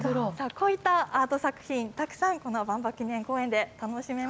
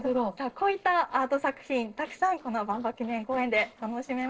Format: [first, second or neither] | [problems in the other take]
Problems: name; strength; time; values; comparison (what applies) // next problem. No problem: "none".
first | noise reduction (neural separator model SepFormer DNS4)